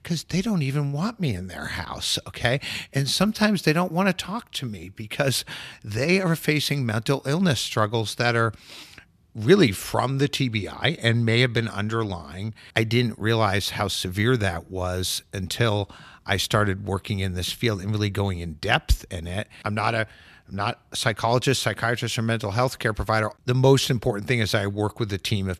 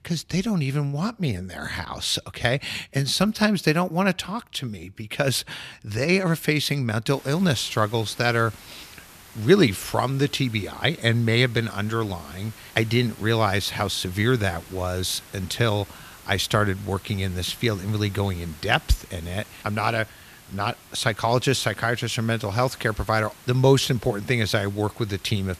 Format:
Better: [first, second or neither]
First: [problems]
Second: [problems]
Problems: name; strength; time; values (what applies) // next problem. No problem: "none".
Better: first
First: none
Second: hiss; faint; from 7 s on; 20 dB below the speech